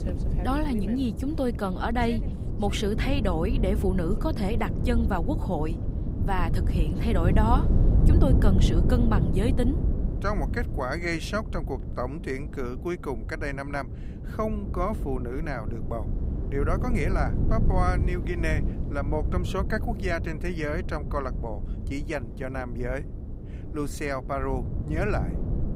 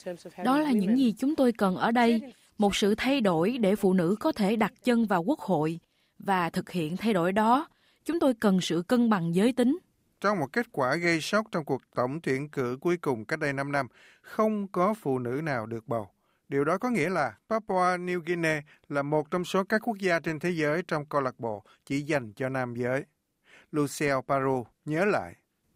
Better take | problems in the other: second | wind noise on the microphone; heavy; 9 dB below the speech

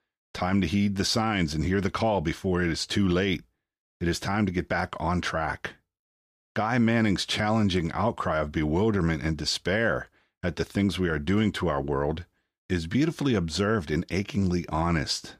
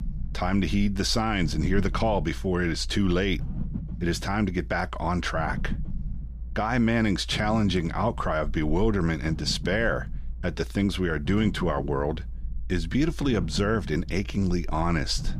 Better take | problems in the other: first | low rumble; noticeable; throughout; 20 dB below the speech

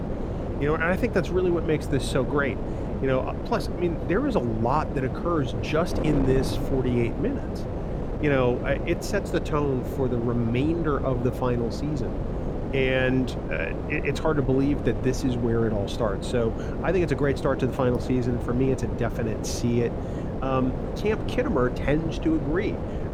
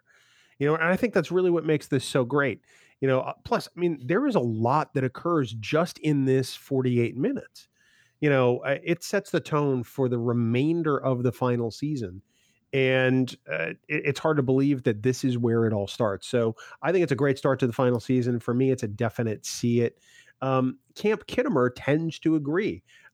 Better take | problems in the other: second | wind noise on the microphone; heavy; 7 dB below the speech

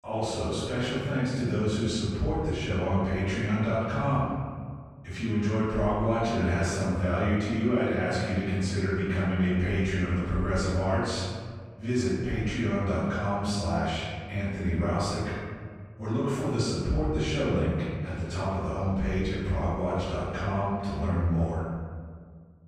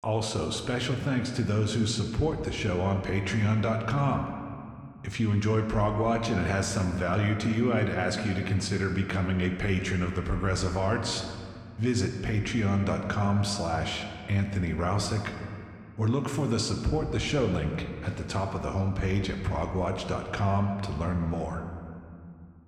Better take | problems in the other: second | room echo; strong; dies away in 1.7 s; slight in the second // off-mic speech; far

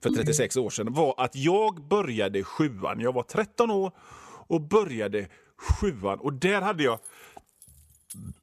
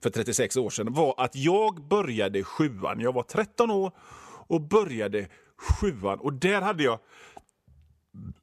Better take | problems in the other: second | phone ringing; noticeable; at the start; peak 2 dB below the speech // jangling keys; faint; from 7 s on; peak 20 dB below the speech

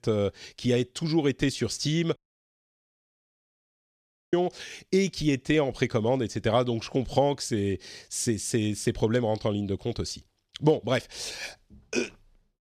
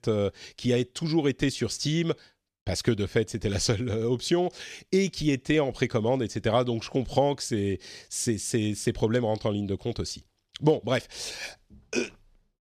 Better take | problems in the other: second | audio cutting out; at 2 s for 2 s

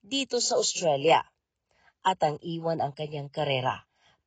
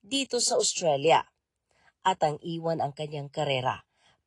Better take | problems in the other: second | garbled, watery; badly; nothing above 7.5 kHz; slightly in the second

